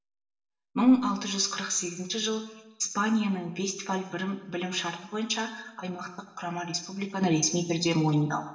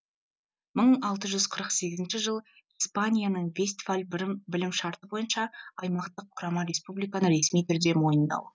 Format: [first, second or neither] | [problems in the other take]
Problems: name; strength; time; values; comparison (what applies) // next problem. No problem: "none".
second | room echo; dies away in 1 s